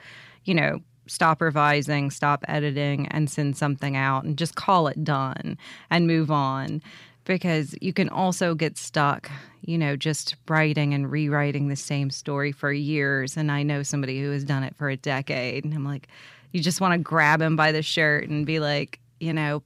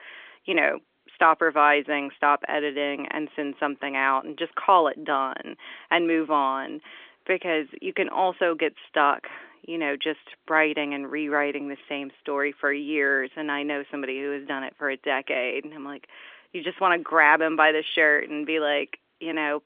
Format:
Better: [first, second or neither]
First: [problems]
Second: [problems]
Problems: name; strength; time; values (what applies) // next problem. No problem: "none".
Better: first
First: none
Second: phone-call audio; nothing above 3.5 kHz